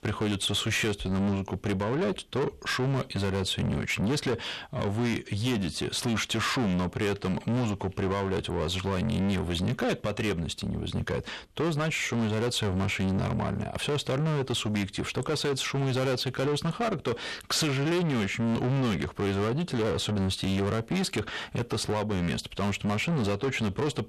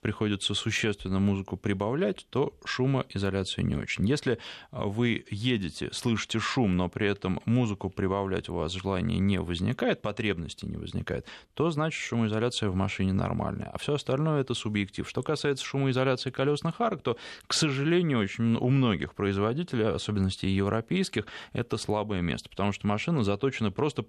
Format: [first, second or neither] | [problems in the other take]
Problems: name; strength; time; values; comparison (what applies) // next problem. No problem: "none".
second | distortion; heavy; 7 dB below the speech